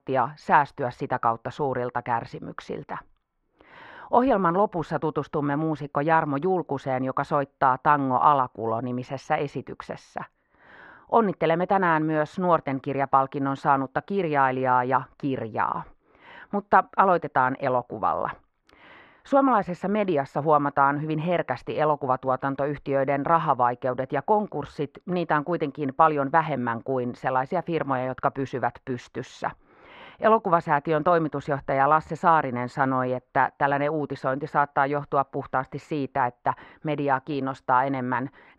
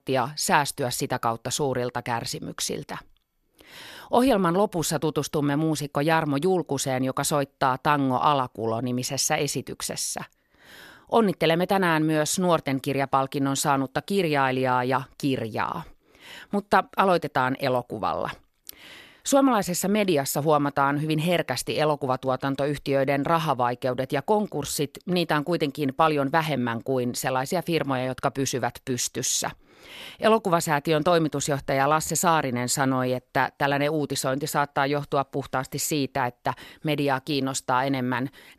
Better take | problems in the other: second | muffled; very; fading above 1.5 kHz

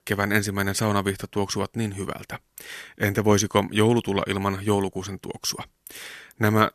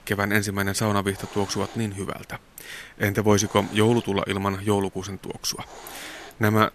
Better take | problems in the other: first | hiss; faint; throughout; 20 dB below the speech

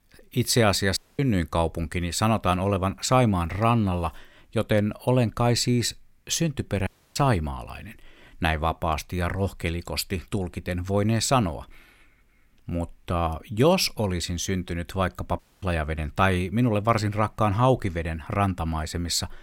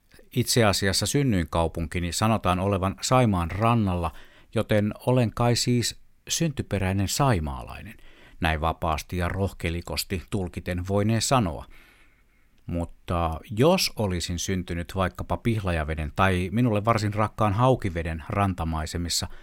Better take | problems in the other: second | audio cutting out; at 1 s, at 7 s and at 15 s

